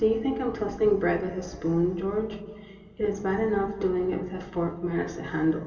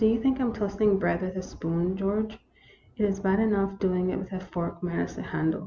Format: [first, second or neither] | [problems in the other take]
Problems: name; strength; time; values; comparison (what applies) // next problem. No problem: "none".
second | room echo; dies away in 2 s